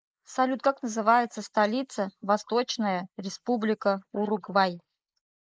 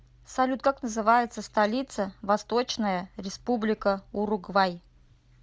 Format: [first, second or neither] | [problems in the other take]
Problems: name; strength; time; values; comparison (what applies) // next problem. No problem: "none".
second | noise reduction (neural mask model Resemble Enhance denoiser)